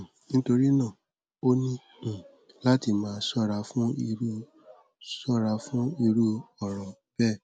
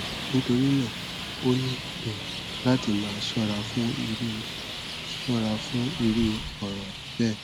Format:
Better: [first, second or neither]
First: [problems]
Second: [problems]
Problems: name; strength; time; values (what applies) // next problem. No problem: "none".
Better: first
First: none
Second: background sound (Traffic noise, roadway noise); 6 dB below the speech